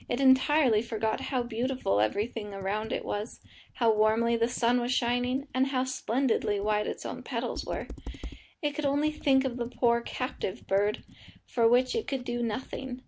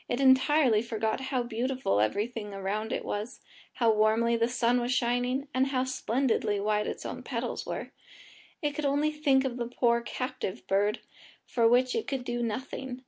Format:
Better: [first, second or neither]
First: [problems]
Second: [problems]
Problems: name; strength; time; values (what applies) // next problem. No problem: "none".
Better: second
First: background sound (Computer keyboard); 19 dB below the speech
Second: none